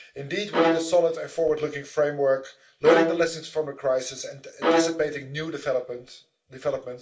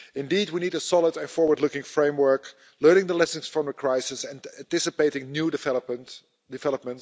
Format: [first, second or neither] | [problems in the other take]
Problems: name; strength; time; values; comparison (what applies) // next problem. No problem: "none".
second | background sound (Bowed string instrument); 1 dB below the speech // room echo; dies away in 0.2 s